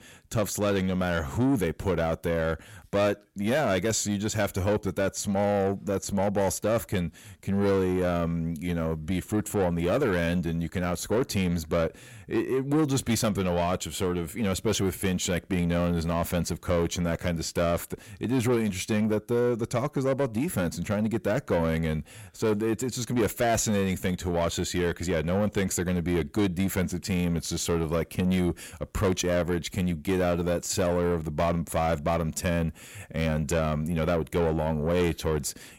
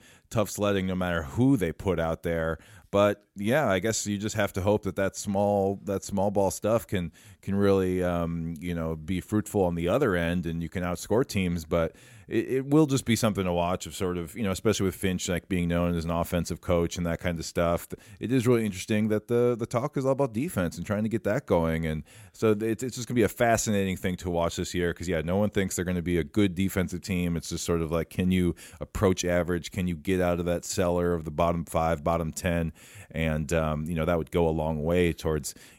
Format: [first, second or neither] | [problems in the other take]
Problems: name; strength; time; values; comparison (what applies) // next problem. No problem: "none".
second | distortion; slight; 10 dB below the speech